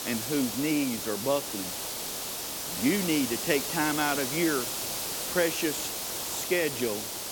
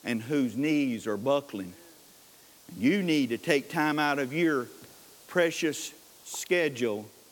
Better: second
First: hiss; loud; throughout; 2 dB below the speech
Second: hiss; faint; throughout; 25 dB below the speech

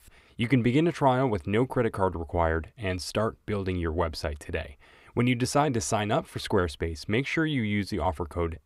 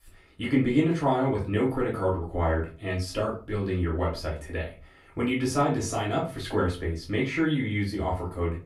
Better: first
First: none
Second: off-mic speech; far // room echo; slight; dies away in 0.3 s

